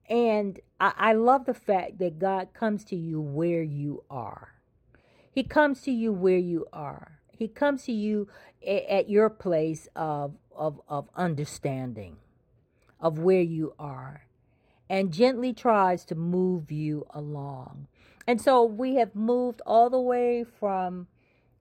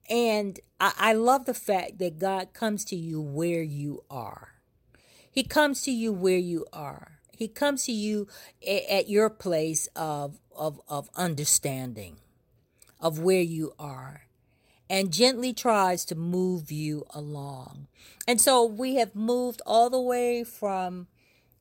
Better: second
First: muffled; very; fading above 4 kHz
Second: none

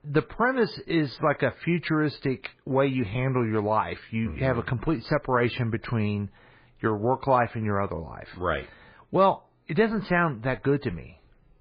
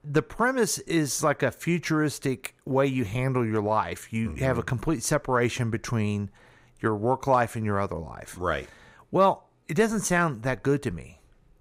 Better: second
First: garbled, watery; badly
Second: none

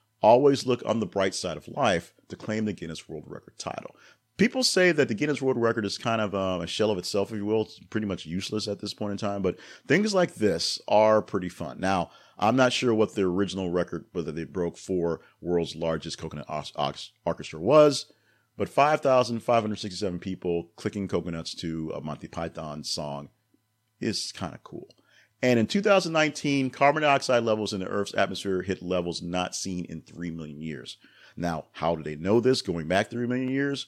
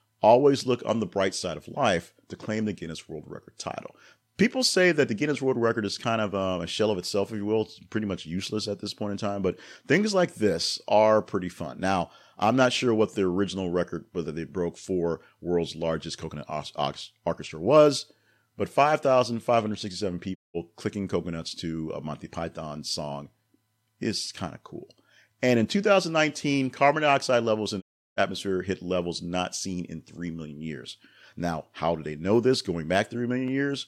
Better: first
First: none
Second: audio cutting out; at 20 s and at 28 s

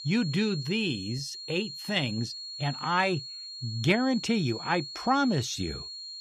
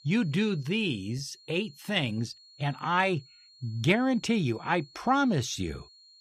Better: second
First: high-pitched whine; loud; throughout; 4.5 kHz, 9 dB below the speech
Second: high-pitched whine; faint; throughout; 4.5 kHz, 25 dB below the speech

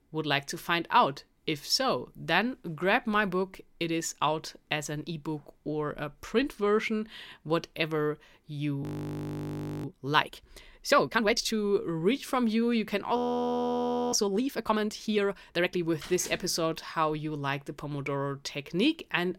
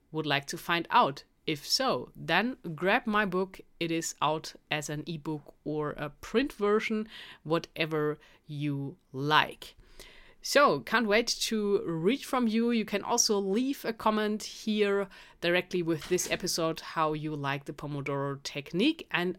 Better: second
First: audio freezing; at 9 s for 1 s and at 13 s for 1 s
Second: none

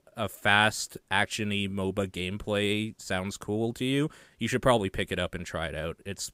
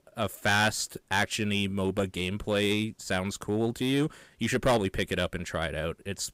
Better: first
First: none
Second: distortion; slight; 4% of the sound clipped

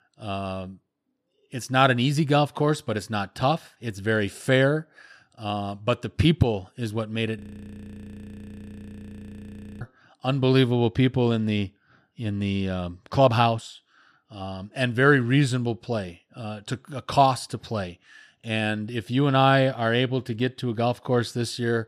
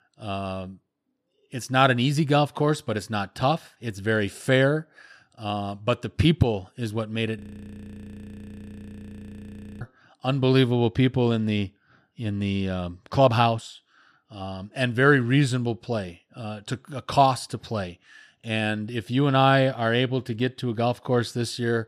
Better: neither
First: audio freezing; at 7.5 s for 2.5 s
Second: audio freezing; at 7.5 s for 2.5 s

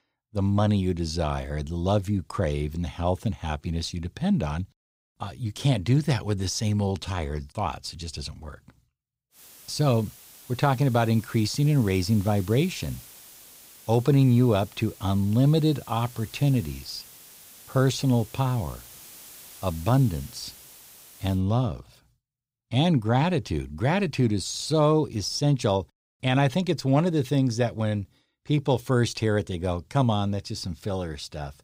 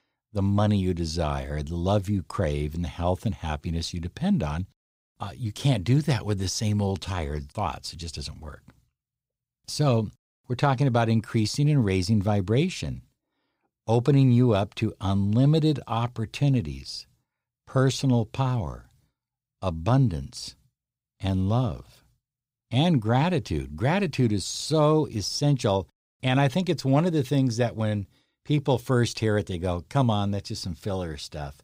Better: second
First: hiss; noticeable; from 9.5 to 21 s; 20 dB below the speech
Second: none

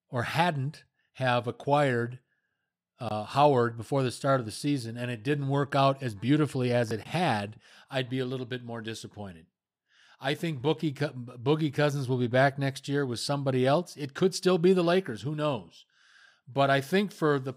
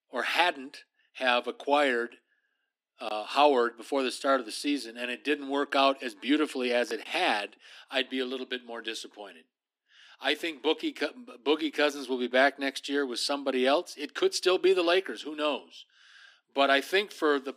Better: first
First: none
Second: thin; very slightly; fading below 250 Hz

